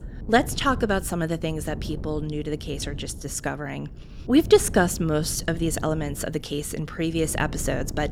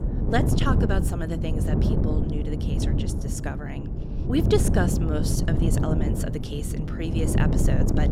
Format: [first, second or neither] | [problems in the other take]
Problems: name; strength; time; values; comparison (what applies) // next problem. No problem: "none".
first | wind noise on the microphone; heavy; 2 dB below the speech; occasional gusts in the first